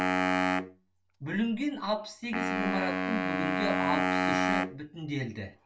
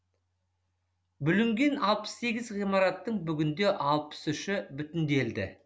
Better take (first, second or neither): second